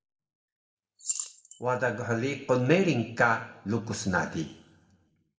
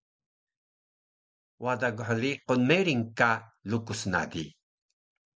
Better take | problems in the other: second | background sound (Rattle / Keys jangling); 10 dB below the speech // room echo; dies away in 0.8 s

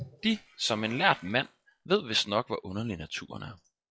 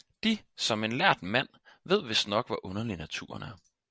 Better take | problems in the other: second | noise reduction (classical method log-MMSE)

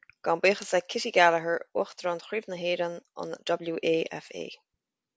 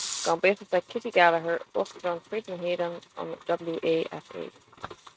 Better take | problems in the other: first | noise reduction (neural mask model RNNoise)

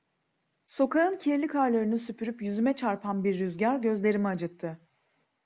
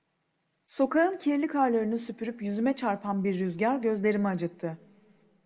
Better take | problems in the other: first | room echo; dies away in 0.4 s

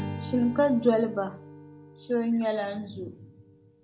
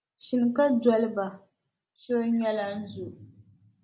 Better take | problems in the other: second | background sound (Strum); 13 dB below the speech

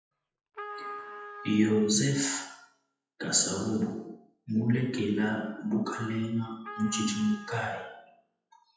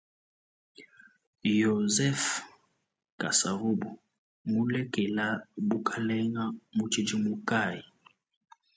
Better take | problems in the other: second | noise reduction (classical method WPE with log-MMSE)

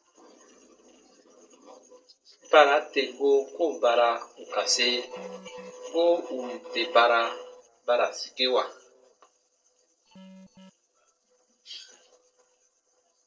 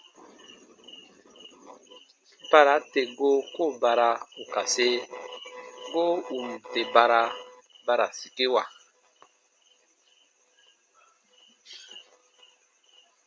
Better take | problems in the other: second | noise reduction (neural separator model SepFormer DNS4)

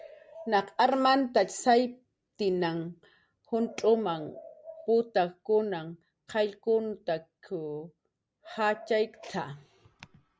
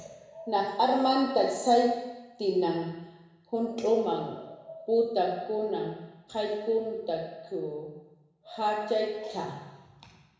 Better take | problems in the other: first | room echo; dies away in 1 s

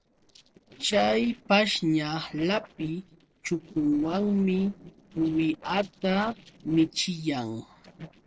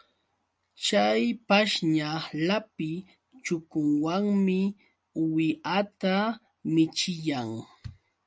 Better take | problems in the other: second | noise reduction (neural separator model SepFormer DNS4)

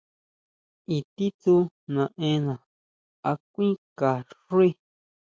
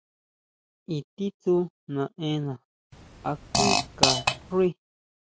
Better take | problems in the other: first | background sound (Fart); 3 dB above the speech

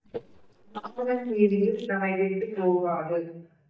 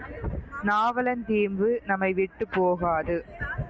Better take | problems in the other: second | noise reduction (neural mask model DeepFilterNet 3)

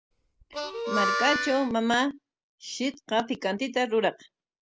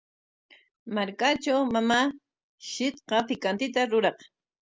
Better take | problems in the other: second | background sound (Harmonica); 2 dB below the speech

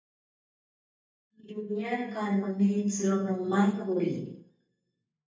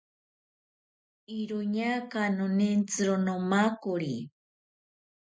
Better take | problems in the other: second | noise reduction (neural mask model DeepFilterNet 3)

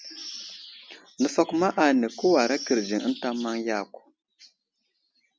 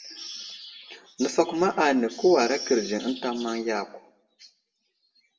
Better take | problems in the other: first | room echo; dies away in 0.6 s

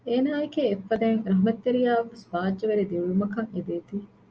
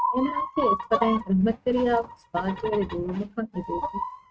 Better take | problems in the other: first | noise reduction (neural mask model RNNoise)

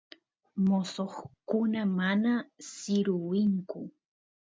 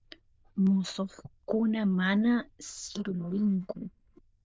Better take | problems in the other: first | noise reduction (neural diffusion model UNIVERSE++)

